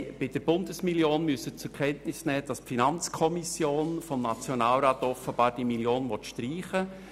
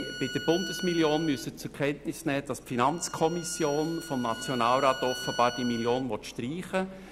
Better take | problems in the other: first | background sound (Bowed string instrument); 13 dB below the speech

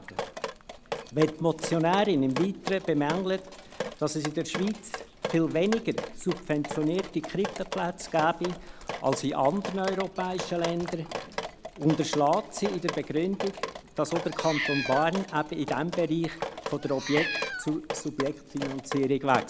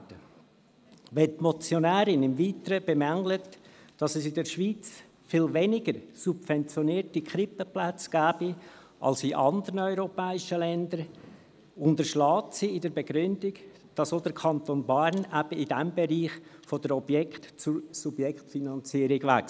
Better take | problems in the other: second | background sound (Meow + Drip); 8 dB below the speech

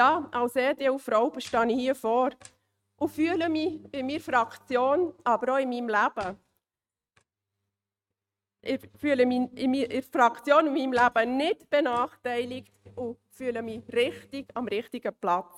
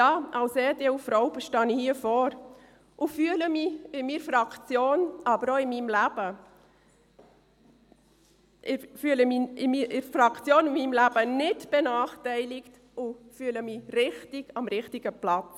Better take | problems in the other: second | noise reduction (neural mask model RNNoise)

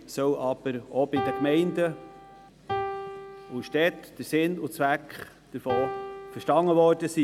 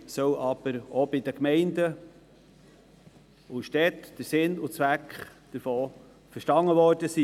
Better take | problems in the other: second | background sound (Piano); 8 dB below the speech

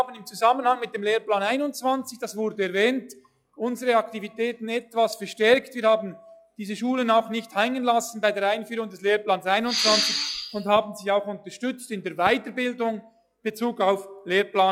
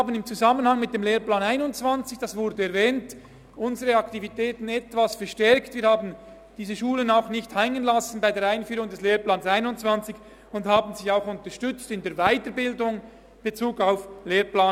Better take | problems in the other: second | noise reduction (classical method log-MMSE)

